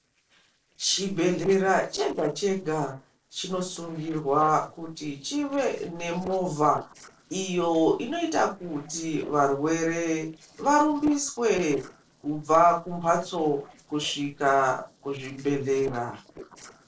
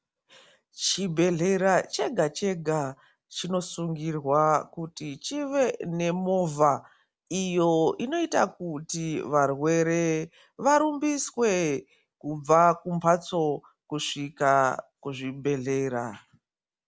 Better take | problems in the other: second | noise reduction (neural separator model SepFormer DNS4)

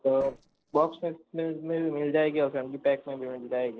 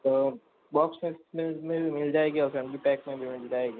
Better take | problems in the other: second | noise reduction (neural separator model SepFormer DNS4)

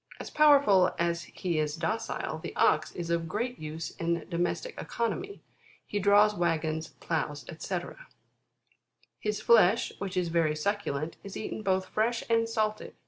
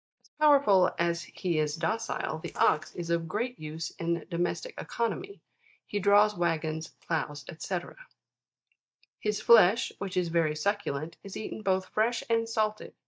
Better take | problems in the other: first | noise reduction (neural mask model DeepFilterNet 3)

